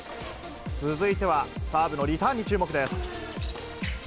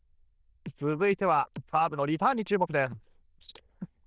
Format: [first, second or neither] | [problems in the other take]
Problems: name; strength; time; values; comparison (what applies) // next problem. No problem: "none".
first | noise reduction (neural diffusion model UNIVERSE++)